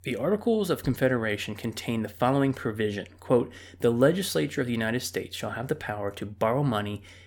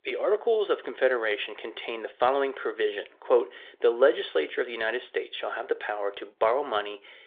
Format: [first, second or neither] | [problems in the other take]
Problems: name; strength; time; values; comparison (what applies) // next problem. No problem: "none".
first | phone-call audio